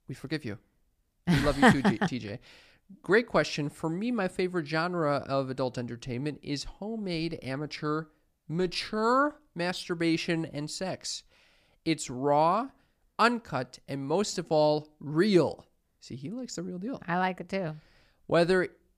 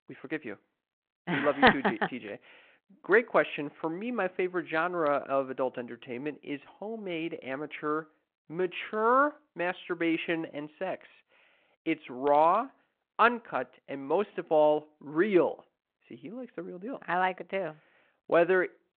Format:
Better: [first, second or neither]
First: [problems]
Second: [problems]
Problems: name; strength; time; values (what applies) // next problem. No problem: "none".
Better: first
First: none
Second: phone-call audio; nothing above 4 kHz